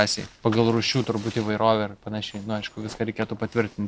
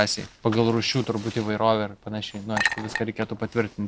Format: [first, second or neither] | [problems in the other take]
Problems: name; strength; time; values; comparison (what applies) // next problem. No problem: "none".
first | background sound (Chink, clink); 5 dB below the speech